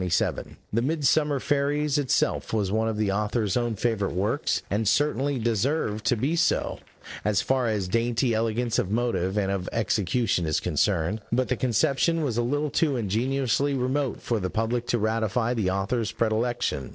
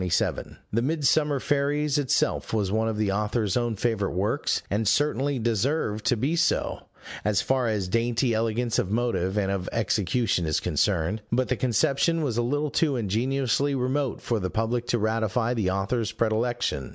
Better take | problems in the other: second | noise reduction (neural separator model SepFormer DNS4)

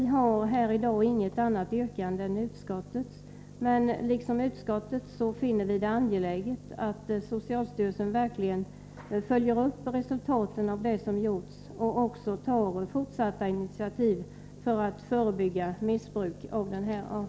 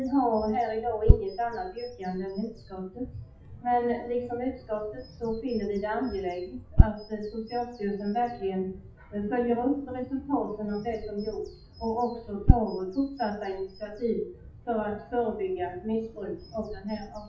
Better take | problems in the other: first | noise reduction (classical method WPE with log-MMSE)

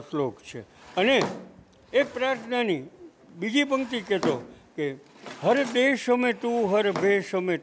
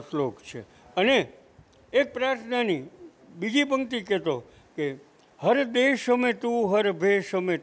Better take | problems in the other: second | background sound (Drawer open or close); 14 dB below the speech

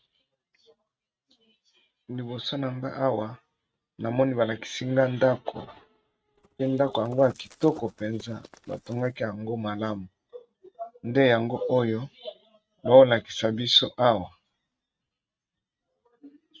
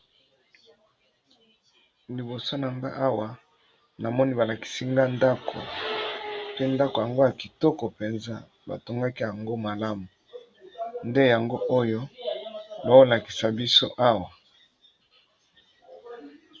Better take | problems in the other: second | noise reduction (neural mask model RNNoise)

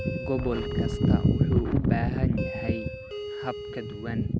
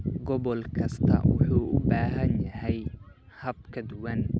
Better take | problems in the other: second | background sound (Doorbell + Wind); 8 dB below the speech

